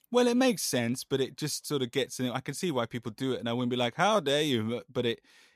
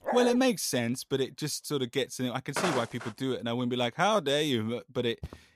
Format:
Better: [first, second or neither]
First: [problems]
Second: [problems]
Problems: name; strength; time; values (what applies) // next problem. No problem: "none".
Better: first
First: none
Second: dog barking; noticeable; at the start; peak 3 dB below the speech // footsteps; noticeable; at 2.5 s; peak 2 dB below the speech // footsteps; faint; at 5 s; peak 15 dB below the speech